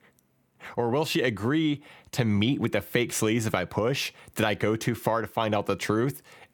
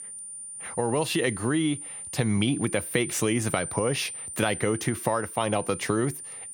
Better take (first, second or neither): first